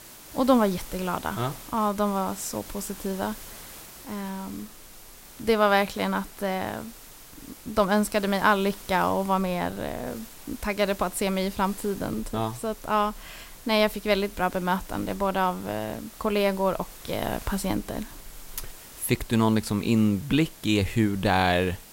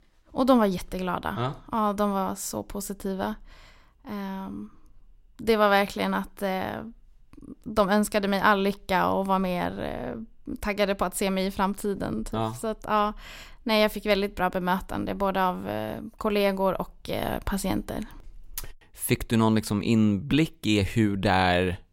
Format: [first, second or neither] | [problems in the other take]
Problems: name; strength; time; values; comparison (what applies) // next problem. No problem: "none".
second | hiss; noticeable; throughout; 15 dB below the speech